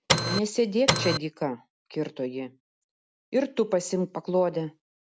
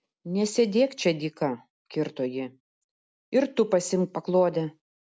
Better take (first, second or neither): second